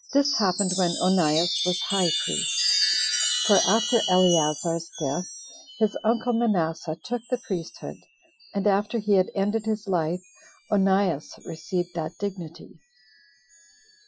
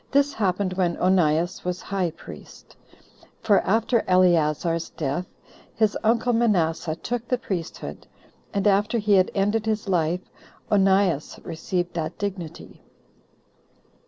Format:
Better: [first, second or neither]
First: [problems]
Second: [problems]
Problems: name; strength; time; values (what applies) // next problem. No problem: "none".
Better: second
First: noise reduction (classical method Wiener filter)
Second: none